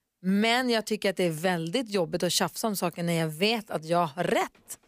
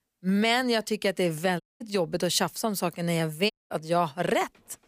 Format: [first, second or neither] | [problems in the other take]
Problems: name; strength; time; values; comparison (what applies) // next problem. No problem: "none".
first | audio cutting out; at 1.5 s and at 3.5 s